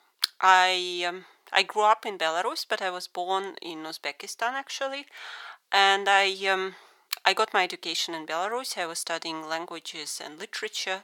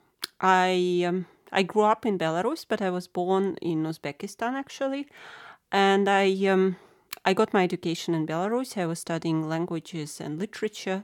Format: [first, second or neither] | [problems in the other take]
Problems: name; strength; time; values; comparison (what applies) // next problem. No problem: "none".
second | thin; very; fading below 800 Hz